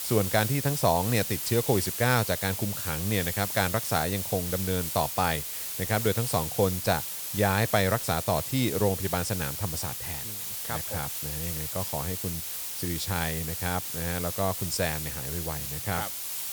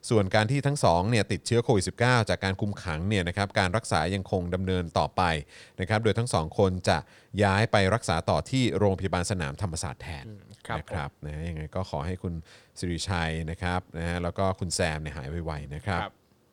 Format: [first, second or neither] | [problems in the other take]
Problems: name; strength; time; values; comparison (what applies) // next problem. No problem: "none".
second | hiss; loud; throughout; 3 dB below the speech